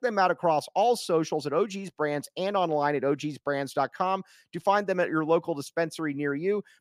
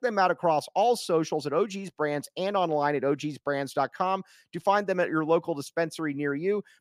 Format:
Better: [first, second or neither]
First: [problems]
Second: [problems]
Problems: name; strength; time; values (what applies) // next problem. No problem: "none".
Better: neither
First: none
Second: none